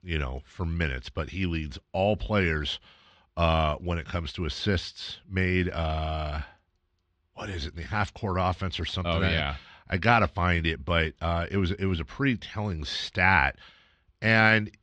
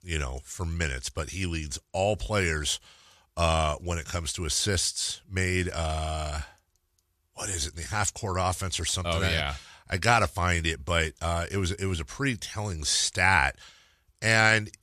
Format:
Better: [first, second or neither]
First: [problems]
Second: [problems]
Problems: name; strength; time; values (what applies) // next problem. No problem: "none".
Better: second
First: muffled; slightly; fading above 4 kHz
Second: none